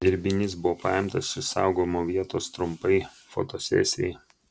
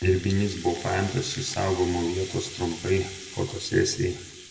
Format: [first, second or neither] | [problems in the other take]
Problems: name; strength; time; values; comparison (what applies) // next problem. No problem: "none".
first | background sound (Rattle (instrument)); 14 dB below the speech // room echo; dies away in 0.8 s